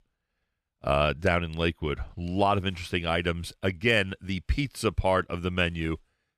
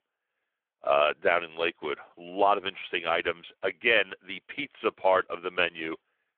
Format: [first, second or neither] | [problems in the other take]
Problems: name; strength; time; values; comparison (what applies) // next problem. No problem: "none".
first | phone-call audio